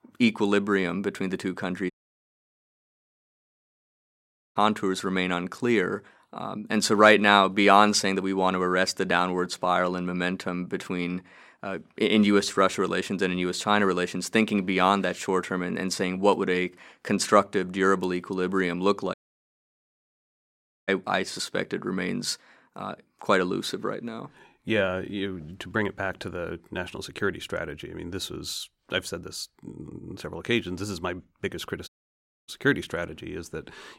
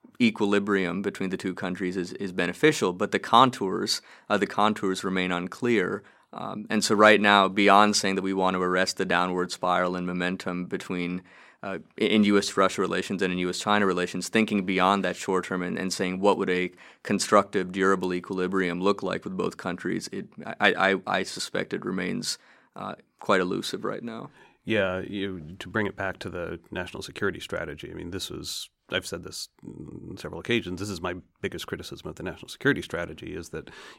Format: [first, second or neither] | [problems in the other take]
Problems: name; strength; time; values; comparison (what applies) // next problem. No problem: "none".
second | audio cutting out; at 2 s for 2.5 s, at 19 s for 1.5 s and at 32 s for 0.5 s